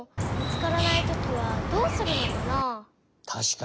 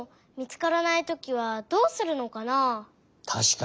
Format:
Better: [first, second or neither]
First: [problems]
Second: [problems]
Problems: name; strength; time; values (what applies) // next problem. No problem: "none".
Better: second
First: background sound (Bird); 3 dB above the speech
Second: none